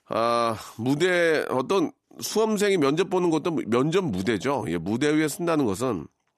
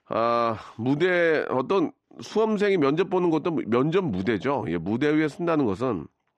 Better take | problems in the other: first | muffled; slightly; fading above 3 kHz

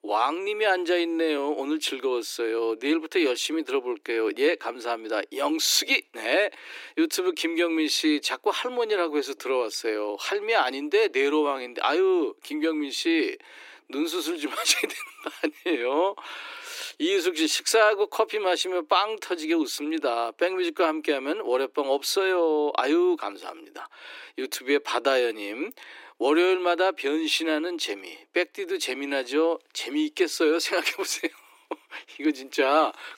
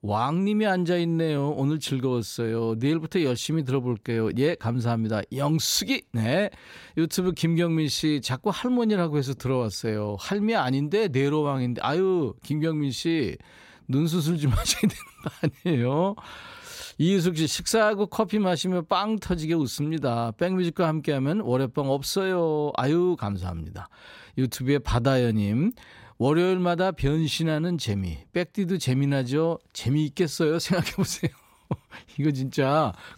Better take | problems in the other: second | thin; very; fading below 300 Hz

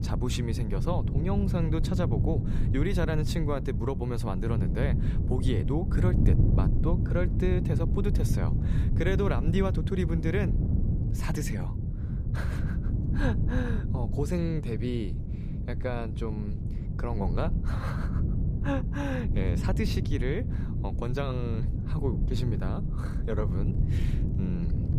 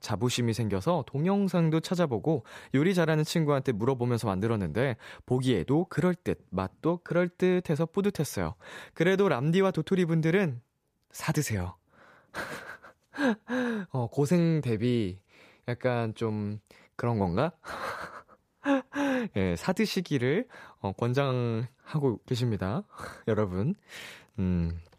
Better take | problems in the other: second | wind noise on the microphone; heavy; 5 dB below the speech

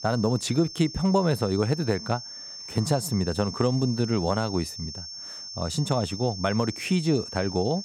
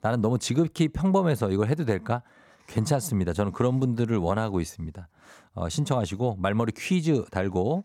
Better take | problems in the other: second | high-pitched whine; noticeable; throughout; 5.5 kHz, 10 dB below the speech

